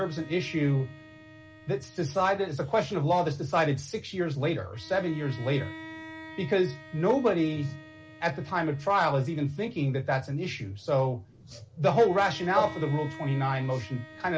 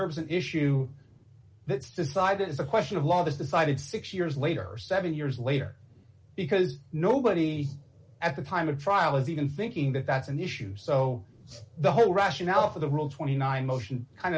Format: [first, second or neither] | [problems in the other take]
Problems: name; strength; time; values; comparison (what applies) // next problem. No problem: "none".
second | background sound (Bowed string instrument); 19 dB below the speech